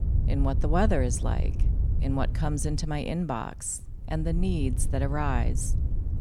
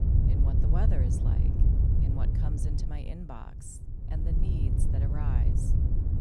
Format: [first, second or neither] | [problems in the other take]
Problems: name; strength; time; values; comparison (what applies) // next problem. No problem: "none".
first | wind noise on the microphone; heavy; 3 dB above the speech; occasional gusts in the first